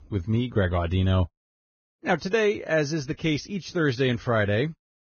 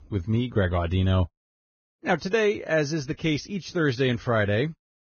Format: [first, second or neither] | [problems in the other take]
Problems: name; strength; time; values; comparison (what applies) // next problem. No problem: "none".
neither | garbled, watery; badly; nothing above 6.5 kHz; the same in both